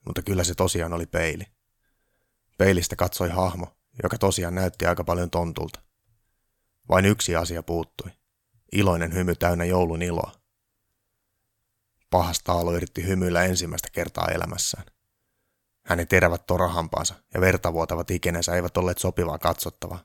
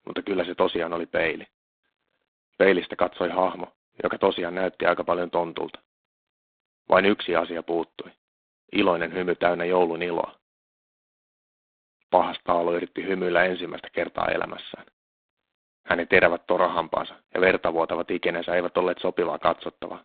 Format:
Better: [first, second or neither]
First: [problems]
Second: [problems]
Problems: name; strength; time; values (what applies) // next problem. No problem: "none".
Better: first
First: none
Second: phone-call audio; poor line; nothing above 4 kHz